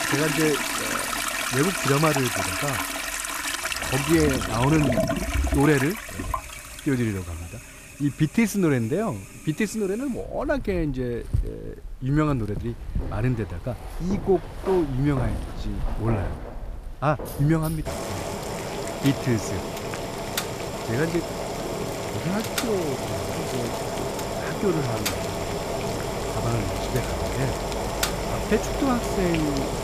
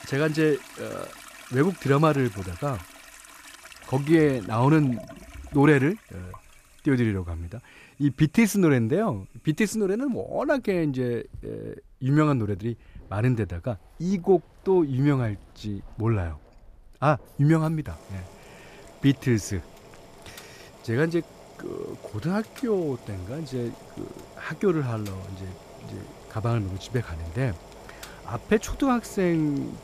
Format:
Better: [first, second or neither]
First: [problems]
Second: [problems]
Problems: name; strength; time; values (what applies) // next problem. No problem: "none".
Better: second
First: household noises; loud; throughout; 2 dB below the speech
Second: household noises; faint; throughout; 20 dB below the speech